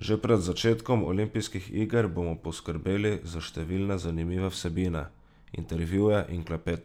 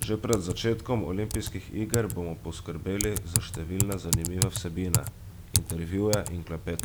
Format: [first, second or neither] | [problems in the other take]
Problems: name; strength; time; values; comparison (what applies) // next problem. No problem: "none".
first | background sound (Typing); 2 dB below the speech